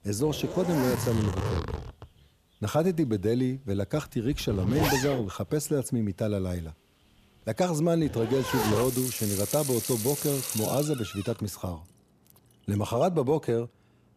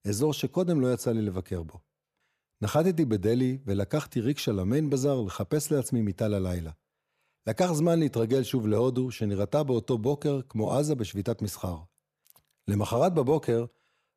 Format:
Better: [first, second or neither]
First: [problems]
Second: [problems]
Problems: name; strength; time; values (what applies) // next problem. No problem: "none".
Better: second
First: household noises; loud; throughout; 4 dB below the speech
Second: none